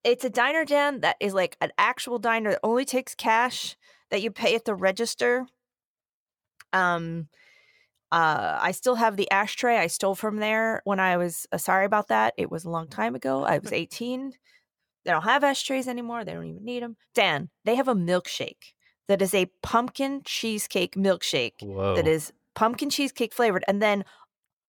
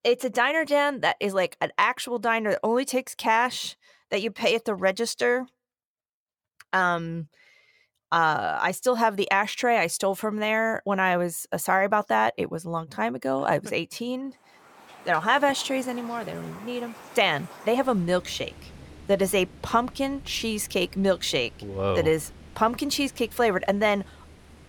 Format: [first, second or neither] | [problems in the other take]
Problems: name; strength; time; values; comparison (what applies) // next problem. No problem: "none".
first | rain or running water; faint; from 15 s on; 20 dB below the speech